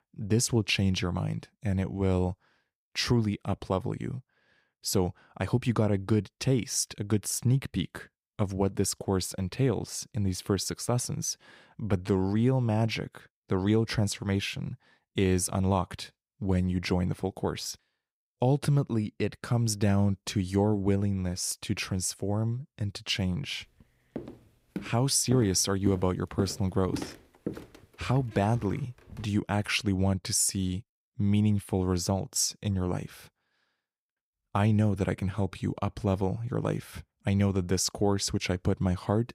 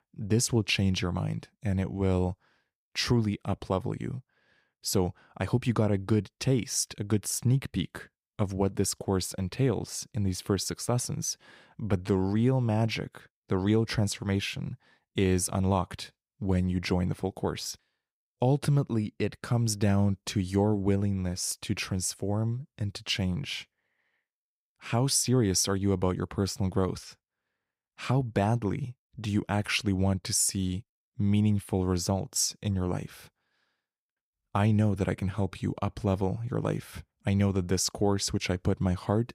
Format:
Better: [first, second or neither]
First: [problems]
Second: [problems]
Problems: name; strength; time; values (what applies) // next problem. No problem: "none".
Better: second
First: footsteps; noticeable; from 24 to 29 s; peak 8 dB below the speech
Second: none